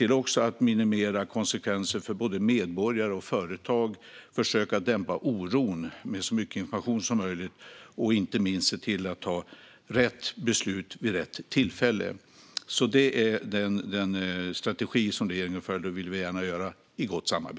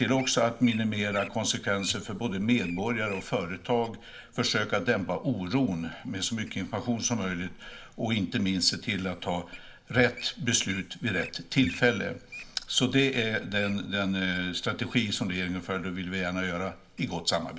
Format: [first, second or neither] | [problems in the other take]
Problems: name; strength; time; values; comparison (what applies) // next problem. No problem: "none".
first | background sound (Wild animals); 19 dB below the speech // room echo; dies away in 0.4 s